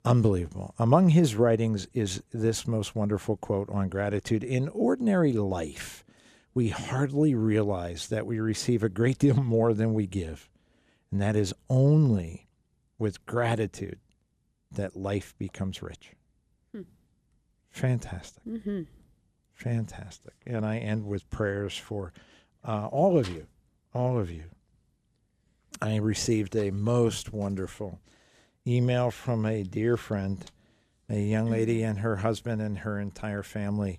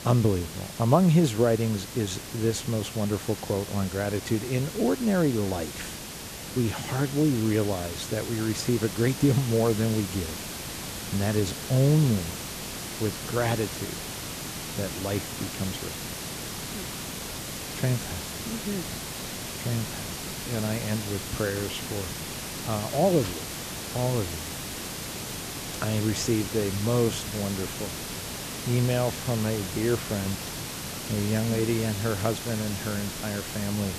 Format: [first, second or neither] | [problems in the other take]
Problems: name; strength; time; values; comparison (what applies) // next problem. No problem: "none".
first | hiss; loud; throughout; 7 dB below the speech